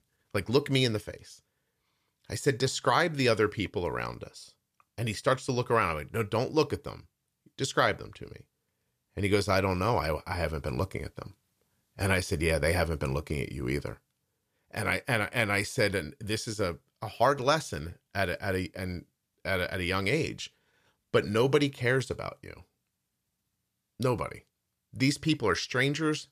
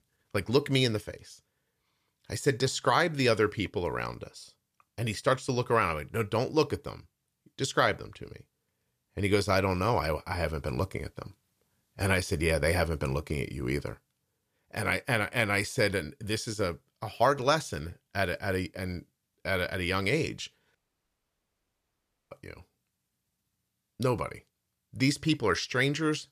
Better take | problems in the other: first | audio cutting out; at 21 s for 1.5 s

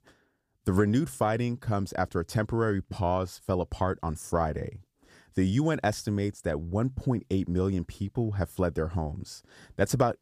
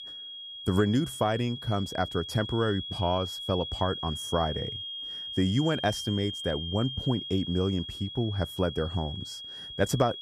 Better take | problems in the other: first | high-pitched whine; loud; throughout; 3.5 kHz, 7 dB below the speech

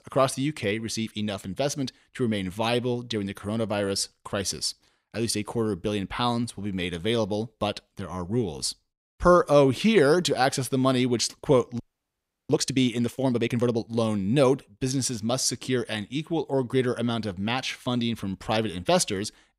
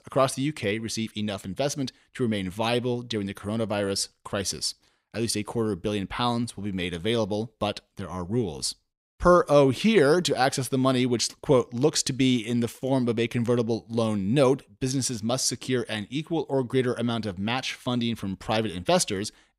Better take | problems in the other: second | audio freezing; at 12 s for 0.5 s

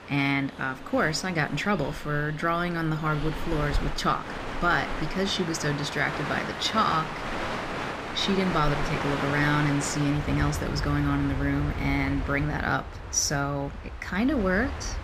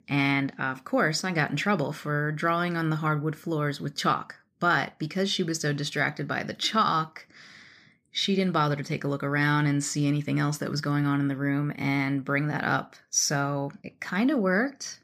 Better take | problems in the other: second | train or aircraft noise; loud; throughout; 7 dB below the speech

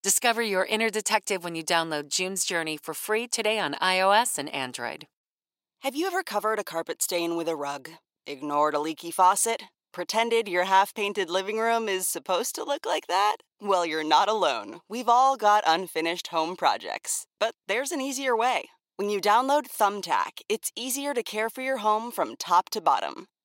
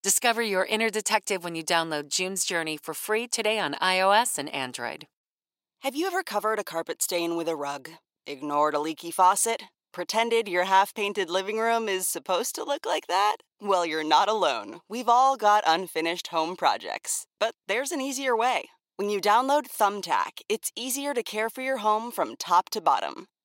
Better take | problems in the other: neither | thin; somewhat; fading below 350 Hz; the same in both

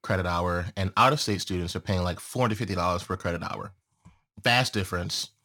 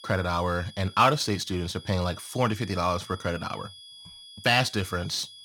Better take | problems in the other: first | high-pitched whine; noticeable; throughout; 3.5 kHz, 20 dB below the speech

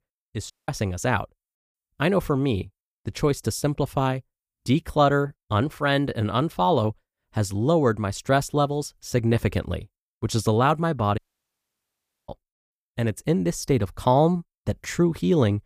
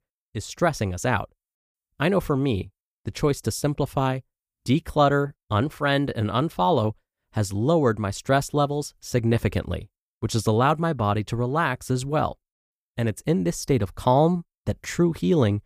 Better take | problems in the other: second | audio cutting out; at 0.5 s and at 11 s for 1 s

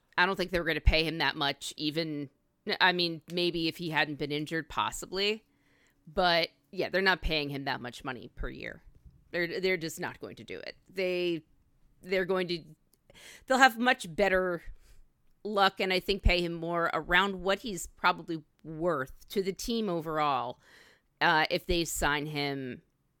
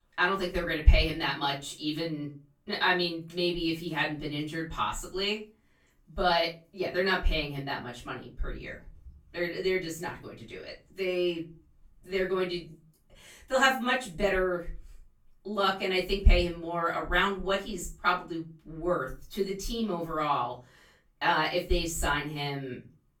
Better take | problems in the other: first | off-mic speech; far // room echo; slight; dies away in 0.3 s

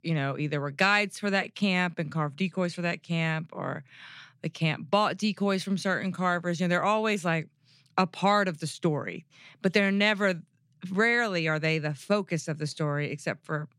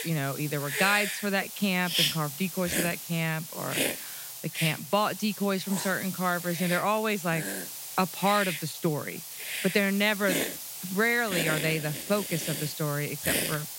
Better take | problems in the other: first | hiss; loud; throughout; 4 dB below the speech

